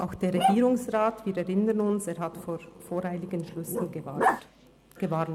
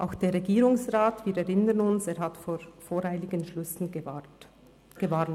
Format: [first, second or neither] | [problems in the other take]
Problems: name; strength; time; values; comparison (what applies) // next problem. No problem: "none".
second | background sound (Growling); 5 dB below the speech